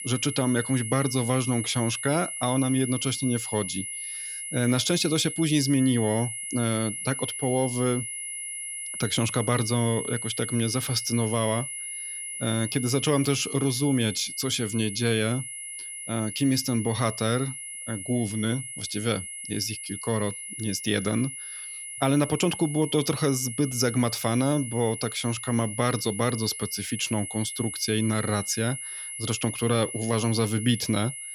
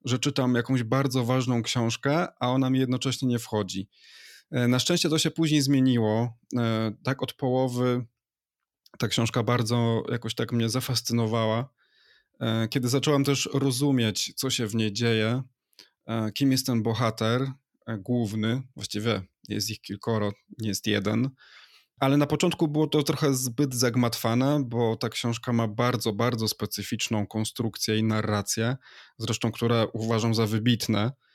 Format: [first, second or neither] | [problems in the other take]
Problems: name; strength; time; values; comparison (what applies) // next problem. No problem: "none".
second | high-pitched whine; loud; throughout; 10.5 kHz, 7 dB below the speech